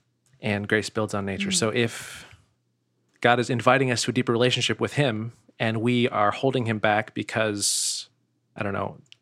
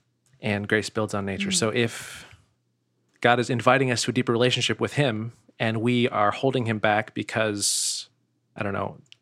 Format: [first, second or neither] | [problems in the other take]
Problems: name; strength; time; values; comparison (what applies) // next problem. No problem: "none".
neither | none